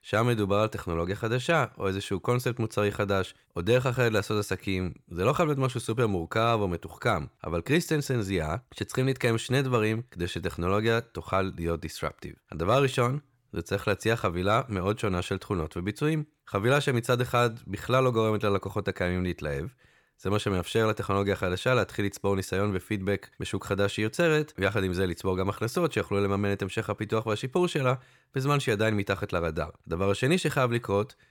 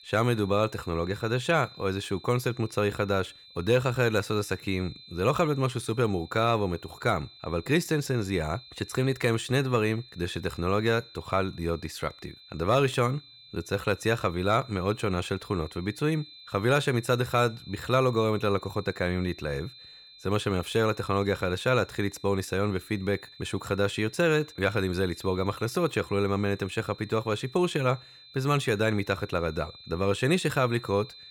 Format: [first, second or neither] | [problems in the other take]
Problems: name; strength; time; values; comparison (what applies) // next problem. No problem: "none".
first | high-pitched whine; noticeable; throughout; 4 kHz, 20 dB below the speech